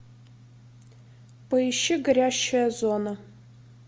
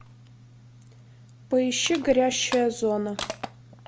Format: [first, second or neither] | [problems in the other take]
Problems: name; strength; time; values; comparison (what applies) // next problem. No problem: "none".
first | background sound (Crushing); 14 dB below the speech